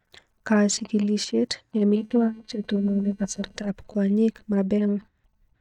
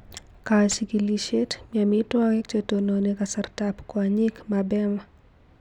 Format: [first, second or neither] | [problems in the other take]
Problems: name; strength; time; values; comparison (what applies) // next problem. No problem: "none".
second | noise reduction (neural mask model DeepFilterNet 3)